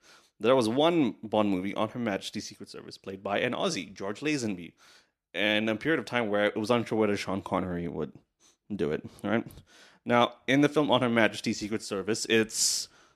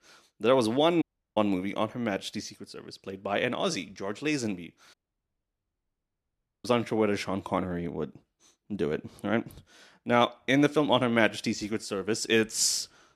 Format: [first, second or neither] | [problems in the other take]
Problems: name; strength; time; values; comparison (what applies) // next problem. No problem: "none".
first | audio cutting out; at 1 s and at 5 s for 1.5 s